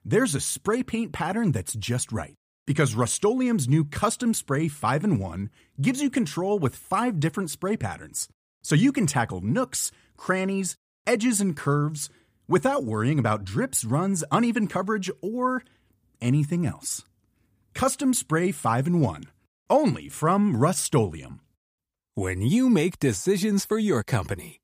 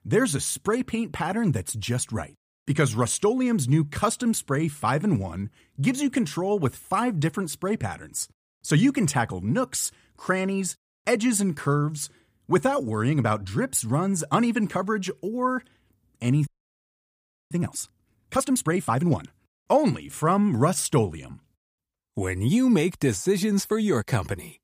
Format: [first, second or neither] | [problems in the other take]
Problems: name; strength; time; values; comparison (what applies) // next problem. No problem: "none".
first | audio freezing; at 16 s for 1 s